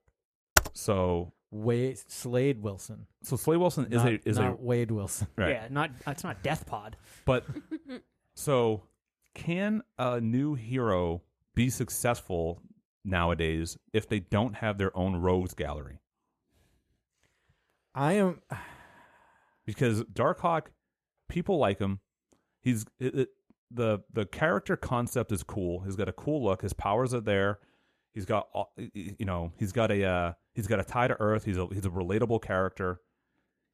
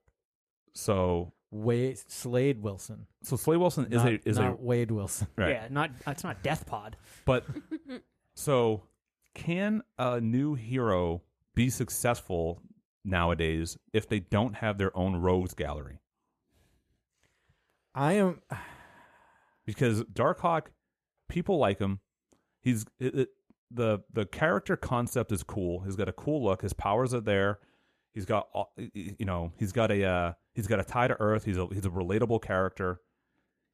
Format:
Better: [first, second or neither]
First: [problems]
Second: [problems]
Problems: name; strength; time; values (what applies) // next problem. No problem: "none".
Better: second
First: keyboard typing; very faint; at 0.5 s; peak 4 dB above the speech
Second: none